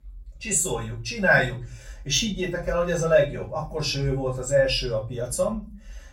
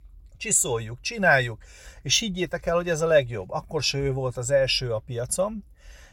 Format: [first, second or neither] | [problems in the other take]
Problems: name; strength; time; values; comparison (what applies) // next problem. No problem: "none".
second | off-mic speech; far // room echo; very slight; dies away in 0.3 s